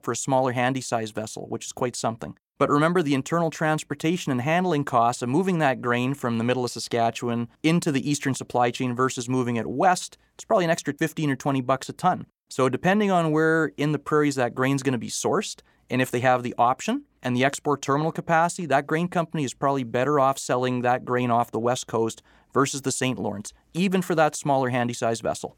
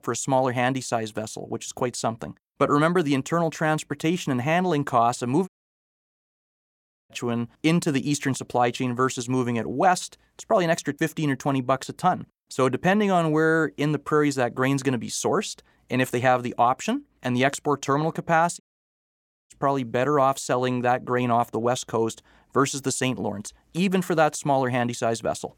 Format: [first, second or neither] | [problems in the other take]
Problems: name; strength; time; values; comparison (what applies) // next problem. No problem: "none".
first | audio cutting out; at 5.5 s for 1.5 s and at 19 s for 1 s